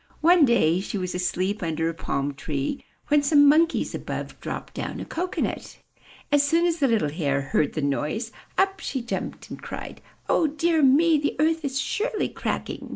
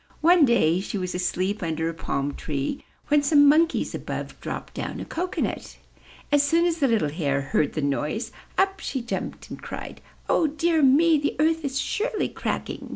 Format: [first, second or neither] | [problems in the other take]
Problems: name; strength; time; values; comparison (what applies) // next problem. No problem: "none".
second | noise reduction (neural mask model Resemble Enhance denoiser)